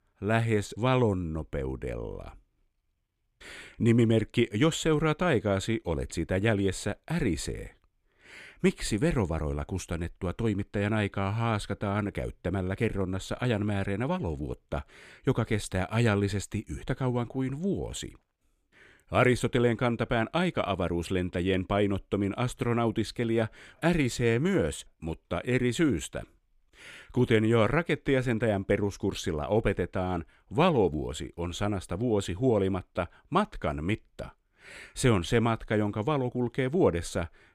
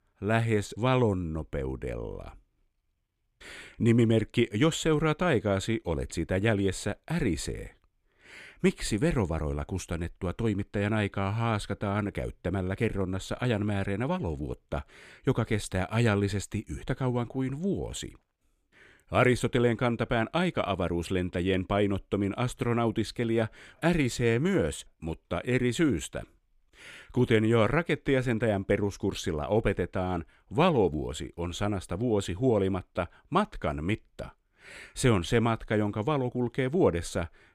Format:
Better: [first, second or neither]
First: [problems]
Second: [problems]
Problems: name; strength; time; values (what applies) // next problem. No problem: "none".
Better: neither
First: none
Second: none